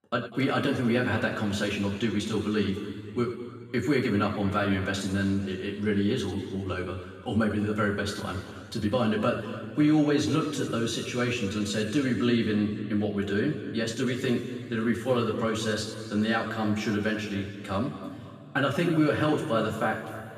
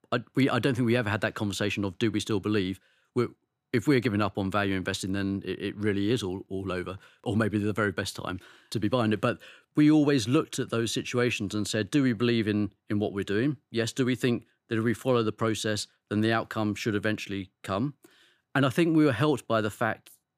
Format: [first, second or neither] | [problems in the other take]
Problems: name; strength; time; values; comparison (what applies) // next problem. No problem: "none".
second | room echo; noticeable; dies away in 2 s // off-mic speech; far